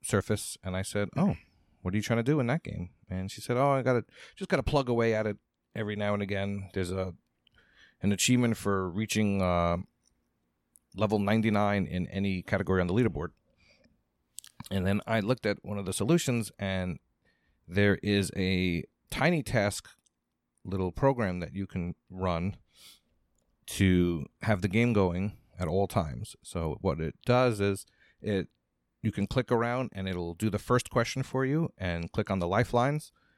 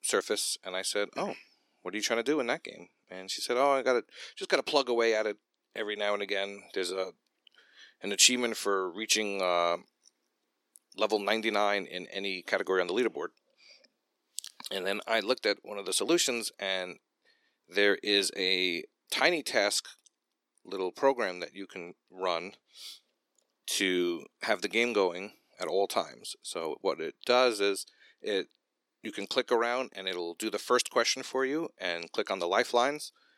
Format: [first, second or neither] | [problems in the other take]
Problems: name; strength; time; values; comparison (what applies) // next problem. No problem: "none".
first | thin; somewhat; fading below 350 Hz